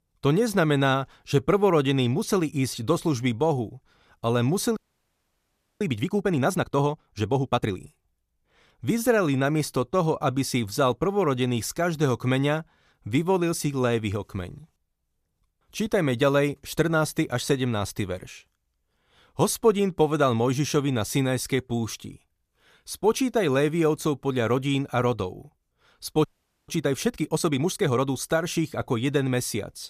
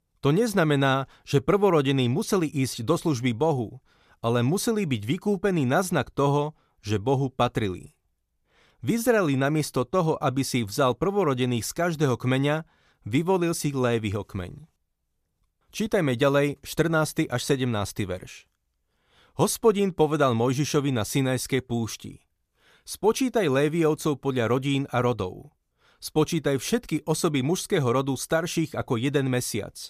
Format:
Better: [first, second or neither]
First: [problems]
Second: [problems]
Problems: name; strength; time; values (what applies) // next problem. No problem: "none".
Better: second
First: audio freezing; at 5 s for 1 s and at 26 s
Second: none